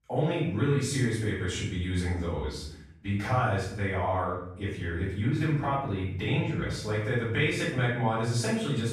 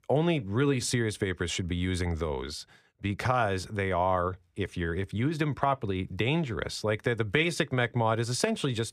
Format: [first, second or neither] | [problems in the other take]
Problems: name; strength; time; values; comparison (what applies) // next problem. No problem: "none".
second | off-mic speech; far // room echo; noticeable; dies away in 0.7 s